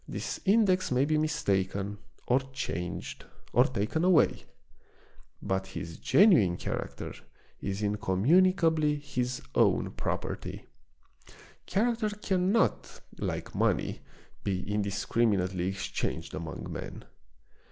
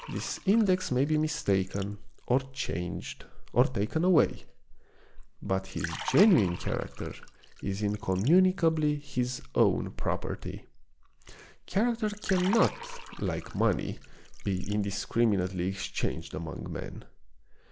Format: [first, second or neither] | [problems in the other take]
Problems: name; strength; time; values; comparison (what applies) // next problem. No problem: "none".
first | background sound (Liquid); 18 dB below the speech